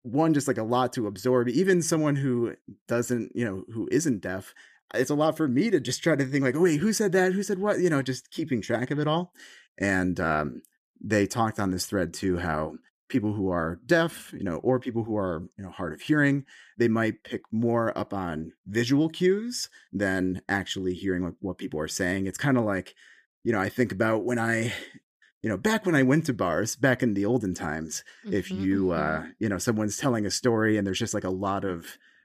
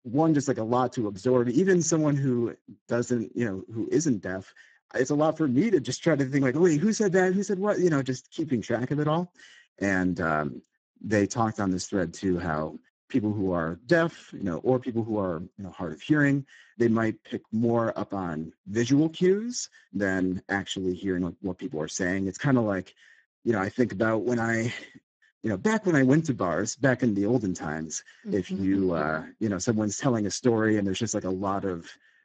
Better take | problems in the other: first | garbled, watery; badly; nothing above 7.5 kHz

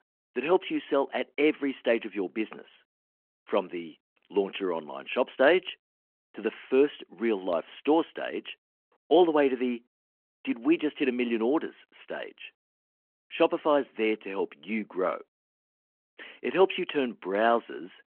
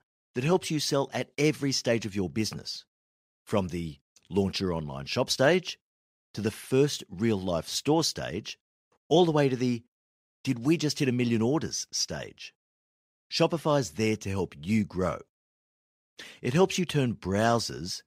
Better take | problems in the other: second | phone-call audio

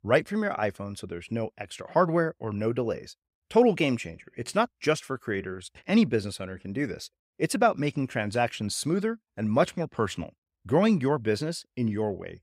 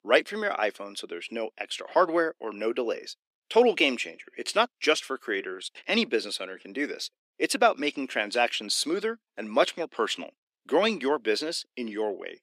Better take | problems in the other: first | thin; somewhat; fading below 250 Hz

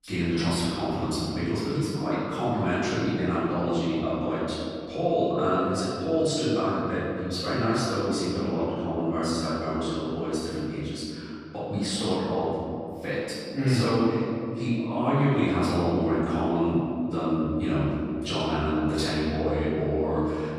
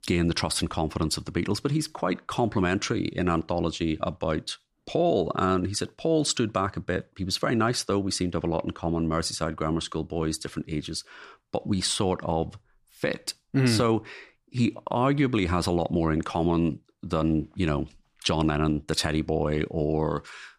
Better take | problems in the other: second | room echo; strong; dies away in 2.3 s // off-mic speech; far

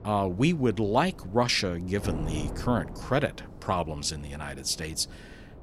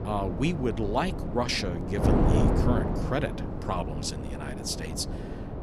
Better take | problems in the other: first | wind noise on the microphone; heavy; 2 dB below the speech; occasional gusts in the first

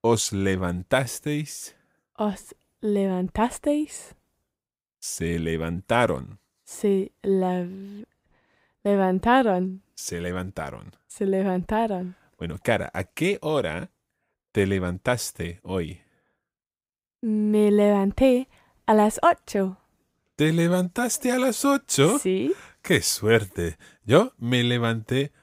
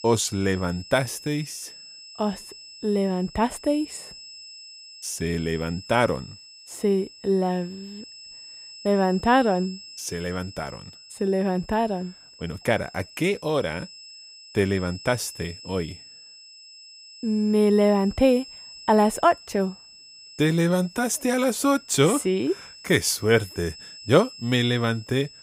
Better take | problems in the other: first | high-pitched whine; noticeable; throughout; 5 kHz, 20 dB below the speech

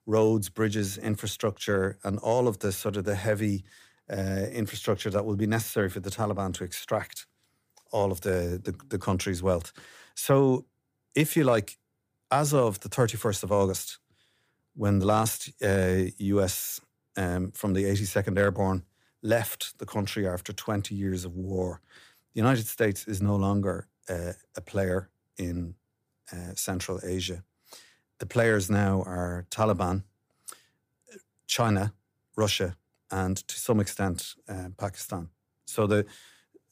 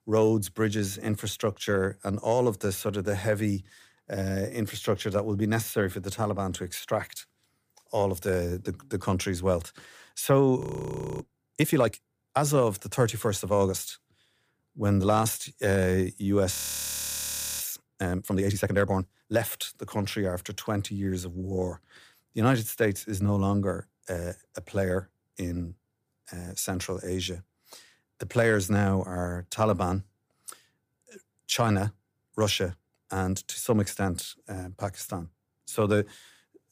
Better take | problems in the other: first | audio freezing; at 11 s for 0.5 s and at 17 s for 1 s

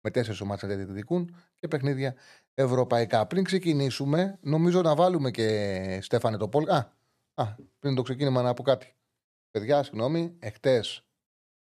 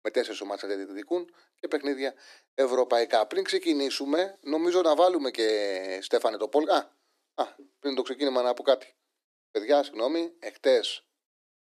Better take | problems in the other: first | thin; somewhat; fading below 300 Hz

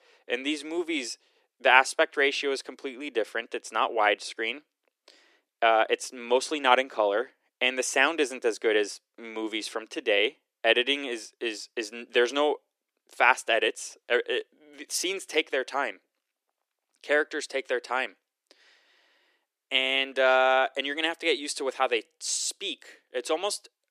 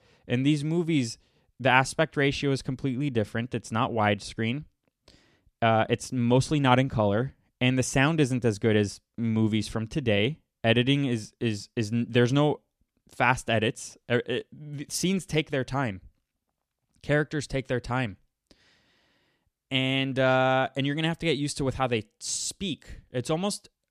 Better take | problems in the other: second | thin; very; fading below 350 Hz

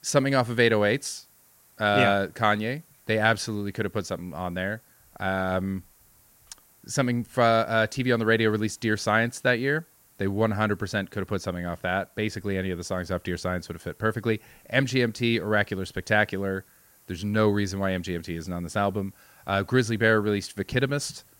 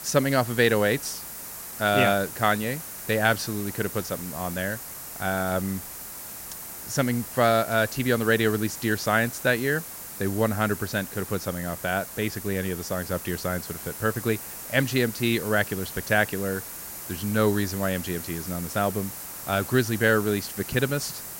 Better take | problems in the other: first | hiss; loud; throughout; 9 dB below the speech; faint in the first

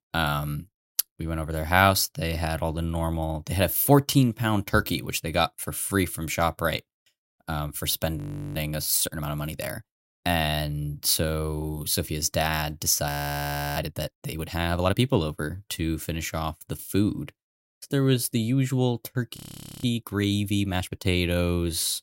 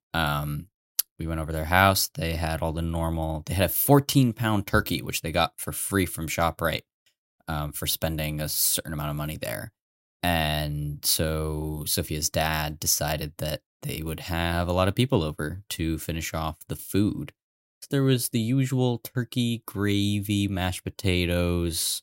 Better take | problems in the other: second | audio freezing; at 8 s, at 13 s for 0.5 s and at 19 s

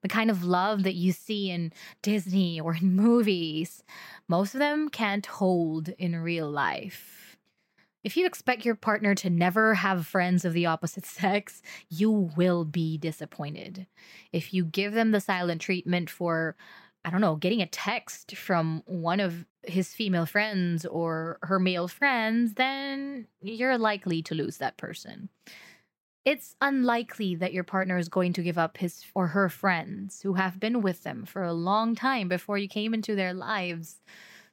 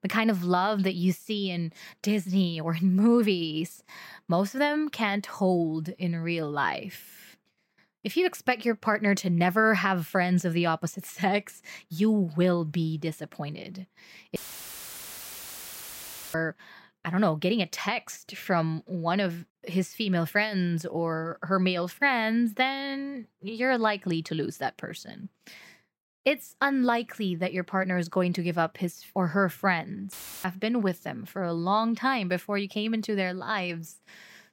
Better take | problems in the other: first | audio cutting out; filled with static; at 14 s for 2 s and at 30 s

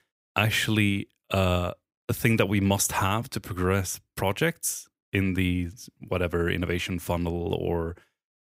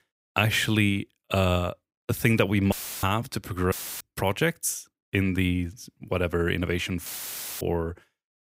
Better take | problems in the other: first | audio cutting out; filled with static; at 2.5 s, at 3.5 s and at 7 s for 0.5 s

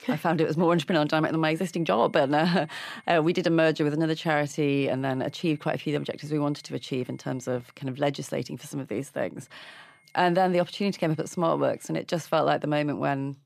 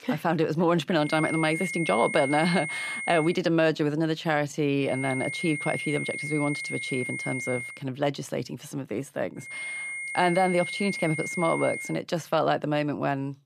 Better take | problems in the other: first | high-pitched whine; loud; from 1 to 3.5 s, from 5 to 7.5 s and from 9.5 to 12 s; 2 kHz, 5 dB below the speech; faint in the first

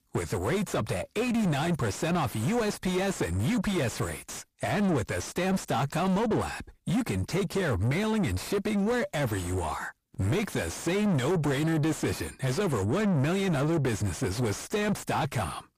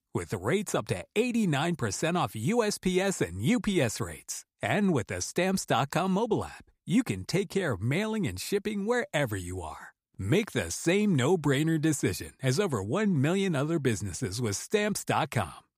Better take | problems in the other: second | distortion; heavy; 6 dB below the speech

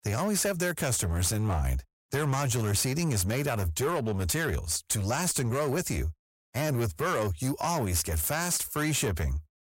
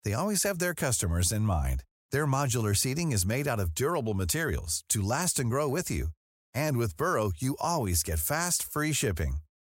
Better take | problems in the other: second | distortion; slight; 15% of the sound clipped

